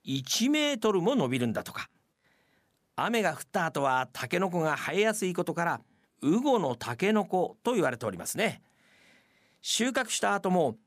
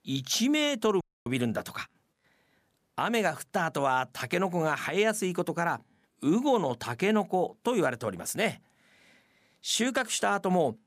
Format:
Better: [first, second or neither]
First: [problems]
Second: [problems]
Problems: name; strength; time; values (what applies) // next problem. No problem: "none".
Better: first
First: none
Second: audio cutting out; at 1 s